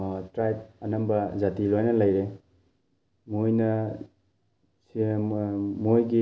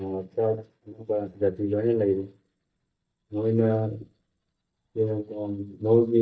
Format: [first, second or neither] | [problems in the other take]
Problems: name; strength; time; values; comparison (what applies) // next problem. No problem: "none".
first | noise reduction (neural mask model DeepFilterNet 3)